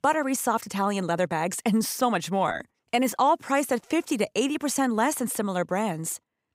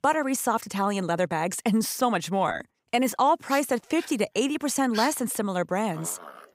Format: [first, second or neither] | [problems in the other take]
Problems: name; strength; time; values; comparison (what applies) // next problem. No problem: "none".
first | dog barking; noticeable; from 3.5 s on; peak 8 dB below the speech